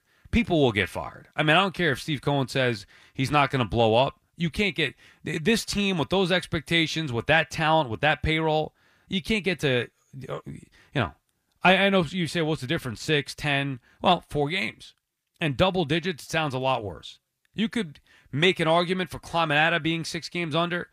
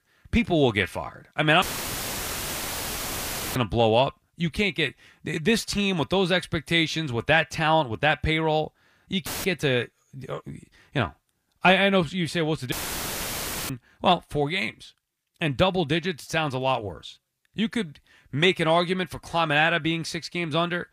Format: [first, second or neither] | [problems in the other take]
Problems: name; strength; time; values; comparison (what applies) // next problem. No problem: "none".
first | audio cutting out; filled with static; at 1.5 s for 2 s, at 9.5 s and at 13 s for 1 s